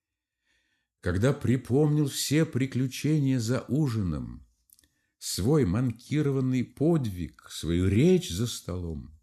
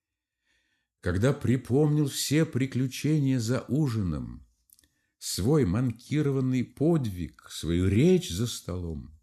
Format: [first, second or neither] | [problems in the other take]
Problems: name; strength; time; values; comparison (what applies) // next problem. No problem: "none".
neither | none